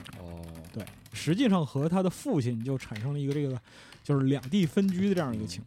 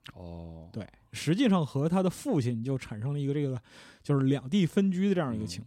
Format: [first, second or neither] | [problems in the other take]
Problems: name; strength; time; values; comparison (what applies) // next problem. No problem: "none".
second | household noises; faint; throughout; 20 dB below the speech